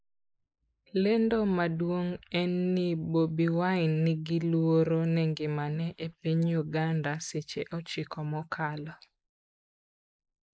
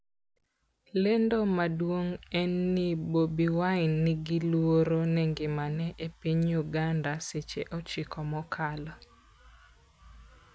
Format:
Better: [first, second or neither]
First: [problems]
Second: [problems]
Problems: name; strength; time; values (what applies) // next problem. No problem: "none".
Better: second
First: noise reduction (neural mask model Resemble Enhance denoiser)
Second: none